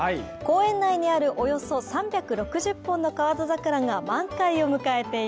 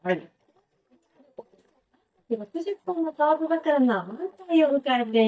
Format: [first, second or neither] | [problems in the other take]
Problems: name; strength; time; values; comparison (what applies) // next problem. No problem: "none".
first | noise reduction (neural mask model DeepFilterNet 3)